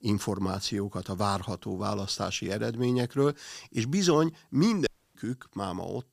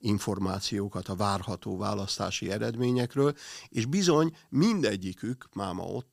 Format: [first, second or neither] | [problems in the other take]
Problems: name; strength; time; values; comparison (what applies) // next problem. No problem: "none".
second | audio cutting out; at 5 s